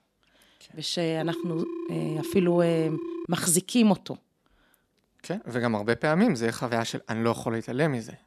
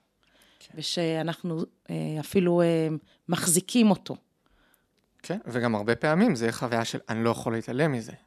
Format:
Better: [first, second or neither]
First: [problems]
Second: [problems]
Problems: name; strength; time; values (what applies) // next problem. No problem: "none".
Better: second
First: phone ringing; noticeable; from 1 to 3.5 s; peak 8 dB below the speech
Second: none